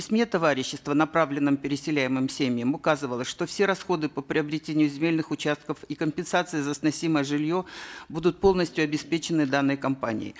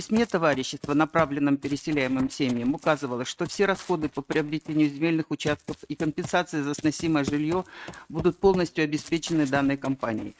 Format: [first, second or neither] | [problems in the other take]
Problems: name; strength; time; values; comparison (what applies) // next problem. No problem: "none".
first | noise reduction (neural mask model RNNoise)